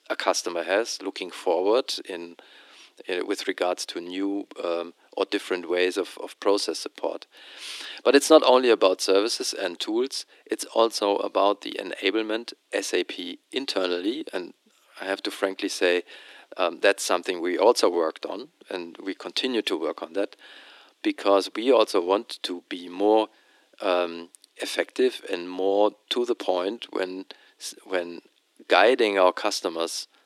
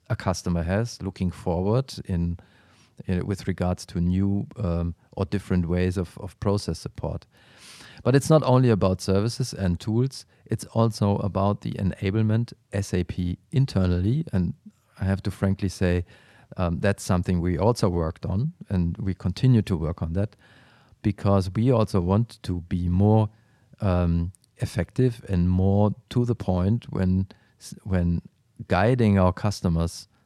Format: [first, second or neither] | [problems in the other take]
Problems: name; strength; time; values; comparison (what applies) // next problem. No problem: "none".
second | thin; very; fading below 300 Hz